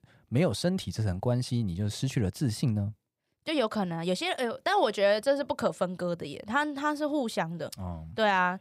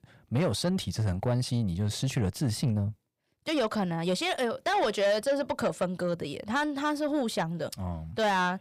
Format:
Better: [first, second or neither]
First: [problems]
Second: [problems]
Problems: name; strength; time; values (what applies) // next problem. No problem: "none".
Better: first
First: none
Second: distortion; slight; 10 dB below the speech